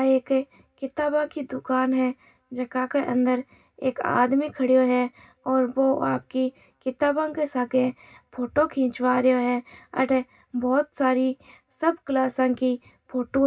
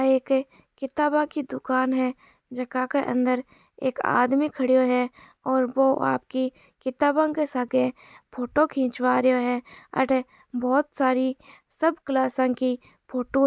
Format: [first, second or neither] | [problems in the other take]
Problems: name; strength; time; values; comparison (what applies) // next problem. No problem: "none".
second | room echo; dies away in 0.4 s